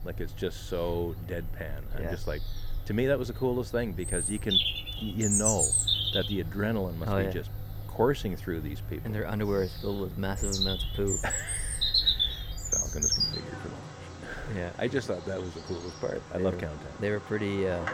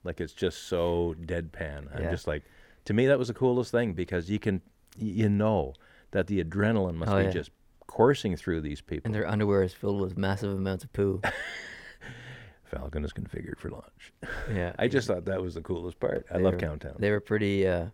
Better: second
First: animal sounds; very loud; throughout; 3 dB above the speech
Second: none

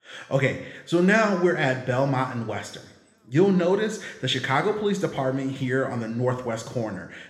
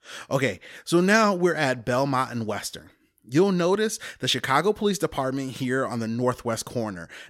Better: second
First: room echo; slight; dies away in 0.9 s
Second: none

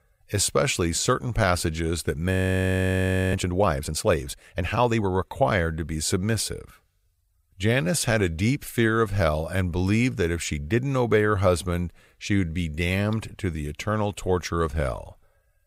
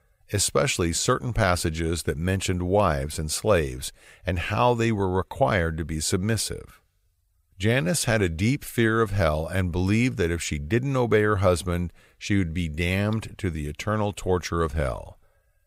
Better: second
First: audio freezing; at 2.5 s for 1 s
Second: none

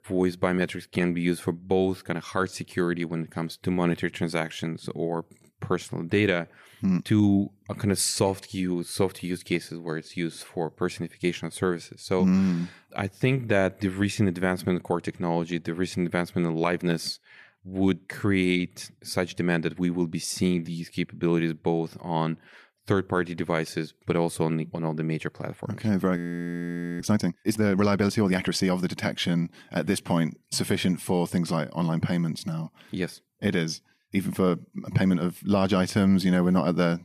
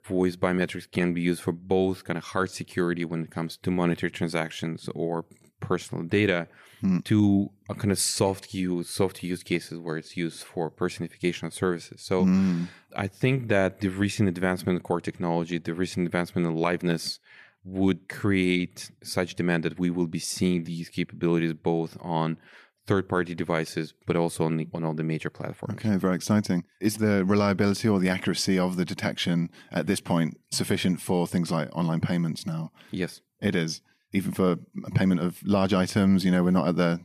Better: second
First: audio freezing; at 26 s for 1 s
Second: none

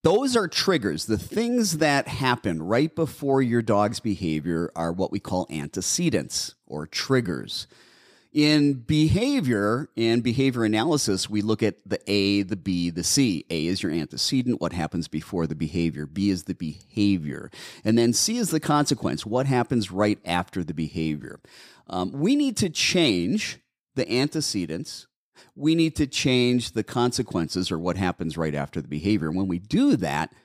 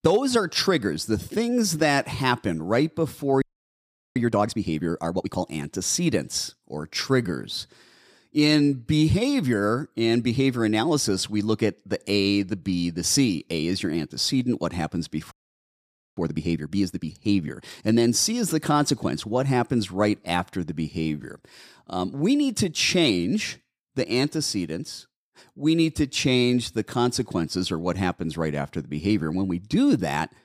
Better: first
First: none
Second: audio freezing; at 3.5 s for 0.5 s and at 15 s for 1 s

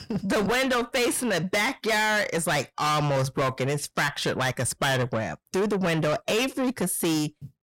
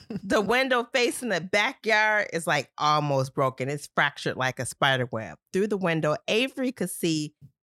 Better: second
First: distortion; heavy; 6 dB below the speech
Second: none

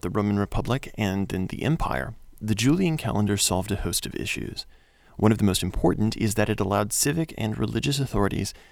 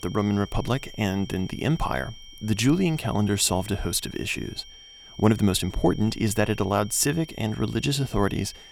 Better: first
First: none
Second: high-pitched whine; noticeable; throughout; 3 kHz, 20 dB below the speech

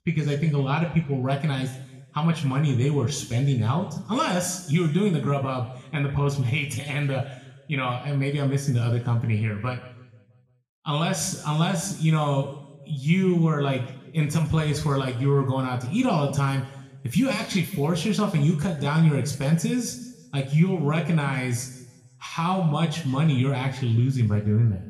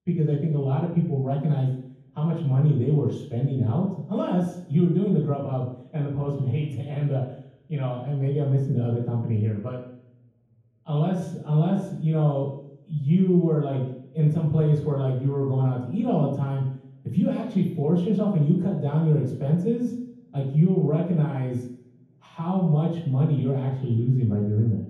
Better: first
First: room echo; slight; dies away in 0.9 s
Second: room echo; strong; dies away in 0.9 s // off-mic speech; far

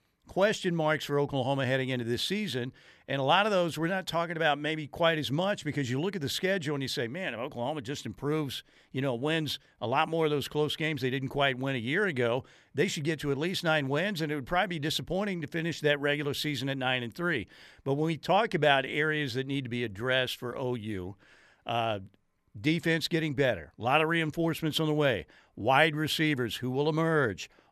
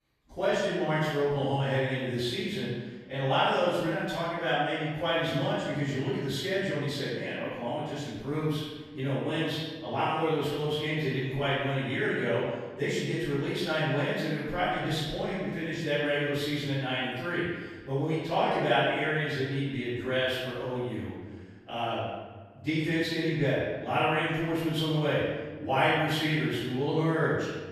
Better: first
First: none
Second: room echo; strong; dies away in 1.2 s // off-mic speech; far

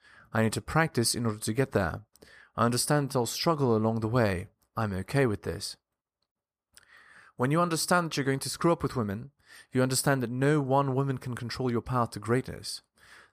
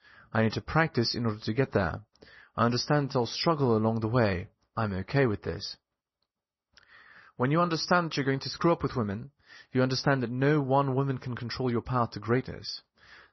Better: first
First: none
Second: garbled, watery; slightly; nothing above 6 kHz

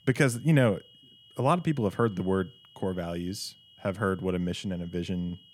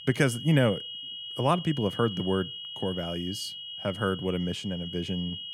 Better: first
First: high-pitched whine; faint; throughout; 3 kHz, 25 dB below the speech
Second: high-pitched whine; loud; throughout; 3 kHz, 8 dB below the speech

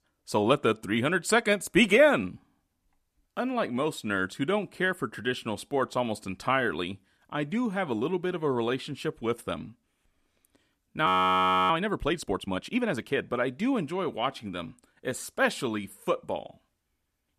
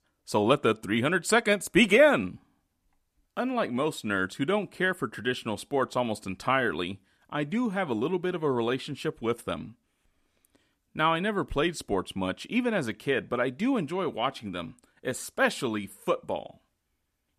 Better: second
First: audio freezing; at 11 s for 0.5 s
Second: none

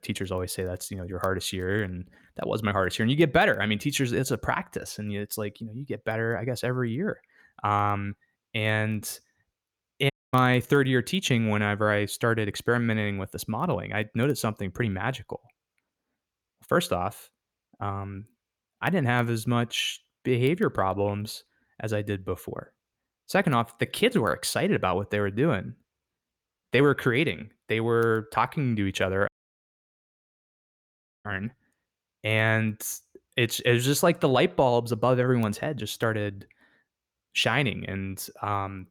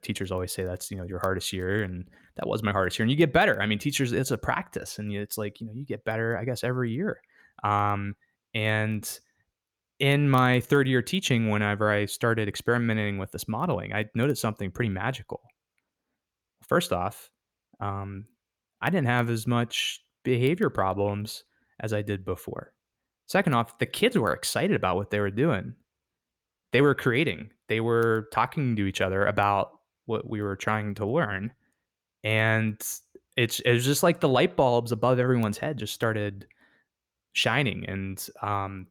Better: second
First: audio cutting out; at 10 s and at 29 s for 2 s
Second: none

